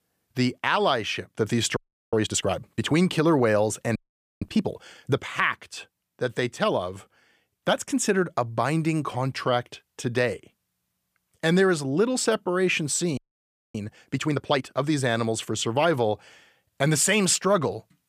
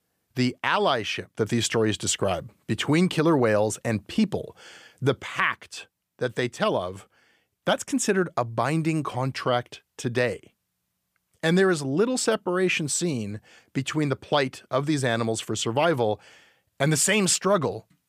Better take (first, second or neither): second